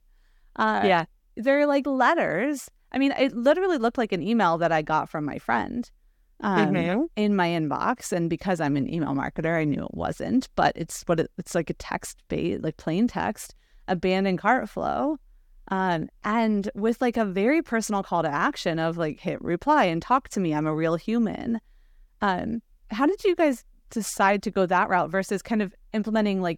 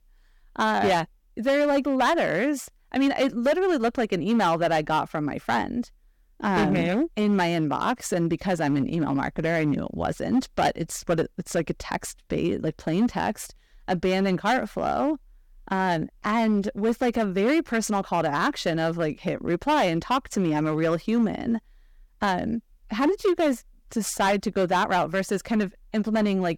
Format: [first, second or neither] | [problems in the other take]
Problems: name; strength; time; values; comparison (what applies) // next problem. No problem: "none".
first | distortion; slight; 7% of the sound clipped